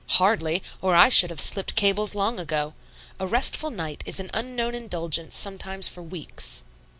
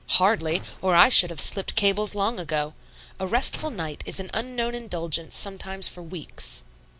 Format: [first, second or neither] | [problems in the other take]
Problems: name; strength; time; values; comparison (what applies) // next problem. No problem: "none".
first | background sound (Gunshot, gunfire); 19 dB below the speech